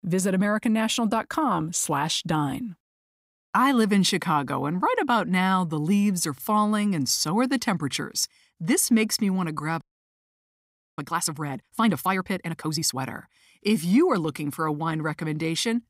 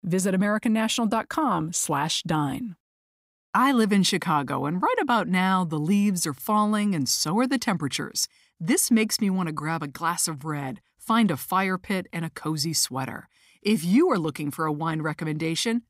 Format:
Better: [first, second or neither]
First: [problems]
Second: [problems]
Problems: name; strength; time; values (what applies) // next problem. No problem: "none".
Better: second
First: audio freezing; at 10 s for 1 s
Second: none